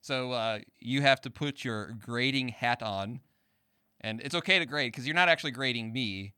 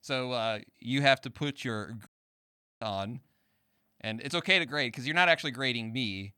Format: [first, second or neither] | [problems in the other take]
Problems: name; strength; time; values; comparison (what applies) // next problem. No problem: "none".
first | audio cutting out; at 2 s for 0.5 s